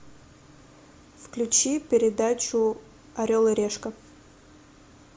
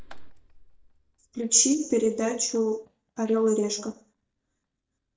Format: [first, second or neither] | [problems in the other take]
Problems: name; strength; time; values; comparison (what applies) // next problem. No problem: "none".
first | noise reduction (neural mask model DeepFilterNet 3)